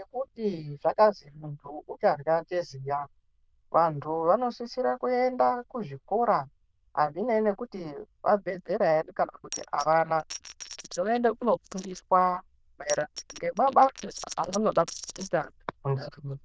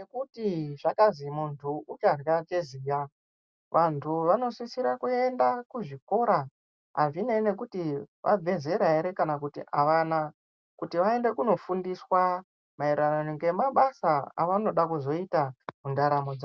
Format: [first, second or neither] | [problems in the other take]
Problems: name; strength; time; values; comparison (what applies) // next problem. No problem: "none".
second | noise reduction (neural diffusion model UNIVERSE++)